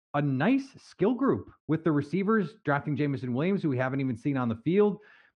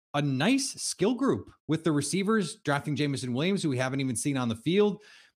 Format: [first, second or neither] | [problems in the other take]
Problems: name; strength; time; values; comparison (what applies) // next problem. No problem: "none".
second | muffled; very; fading above 1.5 kHz